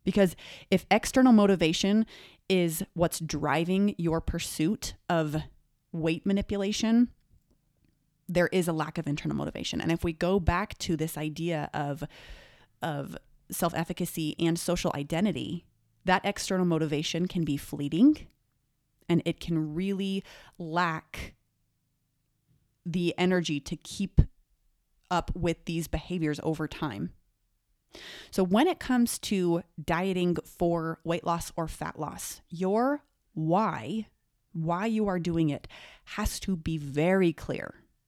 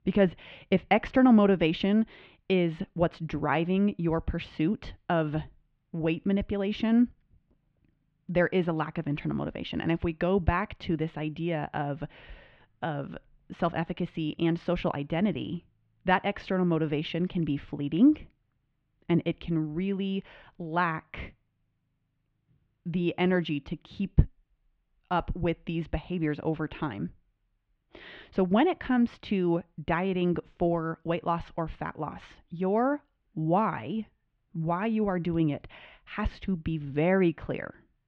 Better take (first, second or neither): first